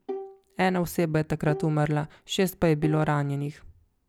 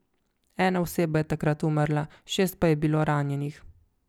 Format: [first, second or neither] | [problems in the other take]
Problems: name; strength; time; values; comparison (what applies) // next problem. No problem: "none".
second | background sound (Bowed string instrument); 14 dB below the speech